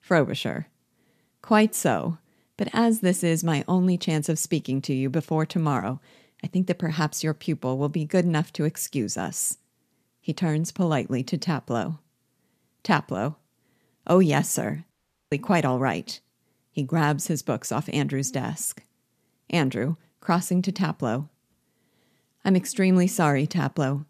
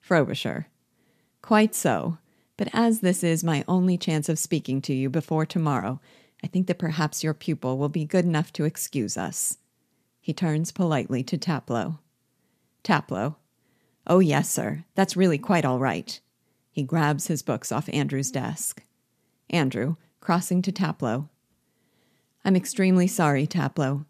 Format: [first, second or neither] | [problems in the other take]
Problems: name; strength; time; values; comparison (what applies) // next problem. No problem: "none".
second | audio cutting out; at 15 s